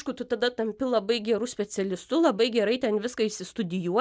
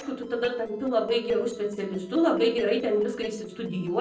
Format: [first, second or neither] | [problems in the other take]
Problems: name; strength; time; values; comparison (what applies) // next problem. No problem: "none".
first | noise reduction (neural separator model SepFormer DNS4)